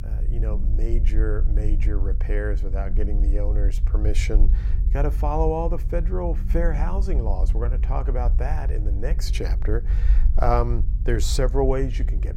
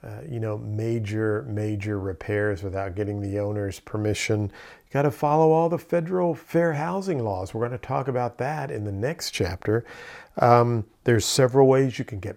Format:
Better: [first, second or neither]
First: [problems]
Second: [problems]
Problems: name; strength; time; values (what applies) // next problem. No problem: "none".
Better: second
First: low rumble; noticeable; throughout; 15 dB below the speech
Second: none